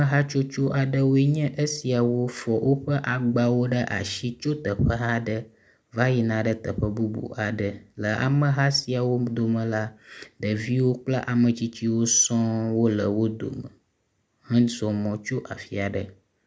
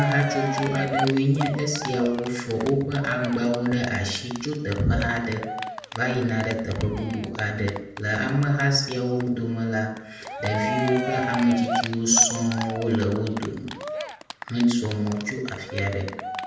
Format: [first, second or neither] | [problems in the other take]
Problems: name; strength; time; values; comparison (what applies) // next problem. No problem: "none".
first | background sound (Cheering); 8 dB below the speech // room echo; dies away in 0.7 s